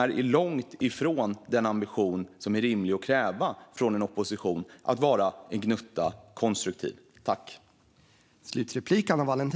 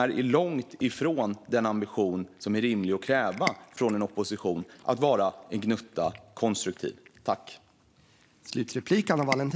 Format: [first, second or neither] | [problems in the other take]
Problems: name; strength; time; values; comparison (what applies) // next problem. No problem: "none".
first | background sound (Cat); 17 dB below the speech